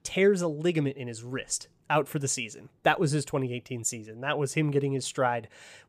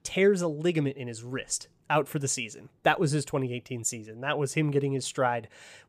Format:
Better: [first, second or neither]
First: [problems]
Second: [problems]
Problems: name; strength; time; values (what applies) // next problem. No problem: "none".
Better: neither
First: none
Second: none